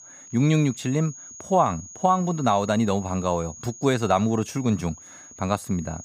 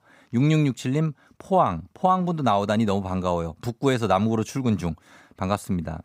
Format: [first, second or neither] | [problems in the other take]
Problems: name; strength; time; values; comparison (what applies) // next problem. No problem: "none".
second | high-pitched whine; noticeable; throughout; 6.5 kHz, 15 dB below the speech